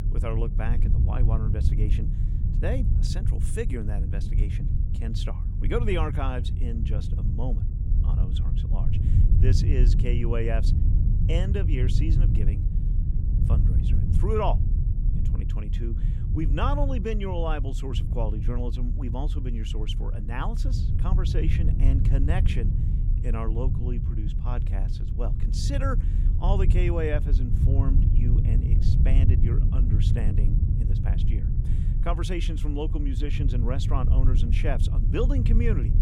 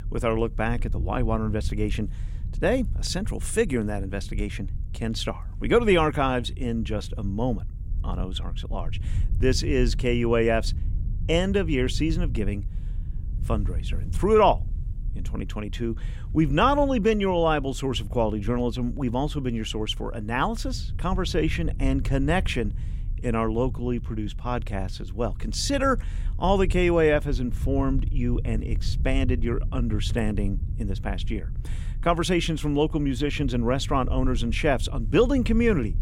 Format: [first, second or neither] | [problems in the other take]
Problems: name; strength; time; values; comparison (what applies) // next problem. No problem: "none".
second | low rumble; loud; throughout; 6 dB below the speech; faint in the second